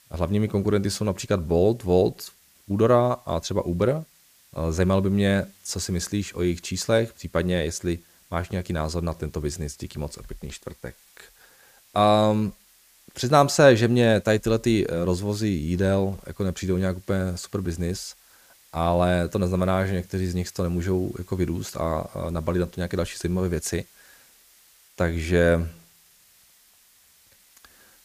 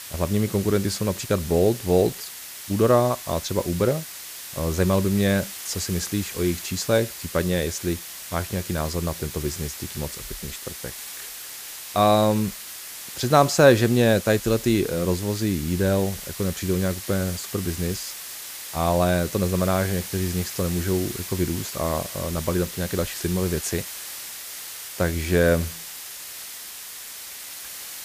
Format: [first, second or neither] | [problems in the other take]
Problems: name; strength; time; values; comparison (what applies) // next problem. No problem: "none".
first | hiss; loud; throughout; 10 dB below the speech; faint in the first